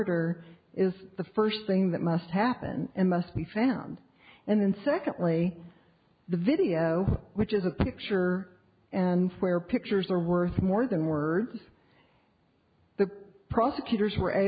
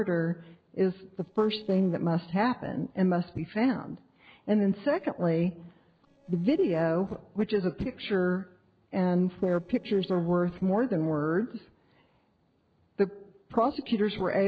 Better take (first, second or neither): first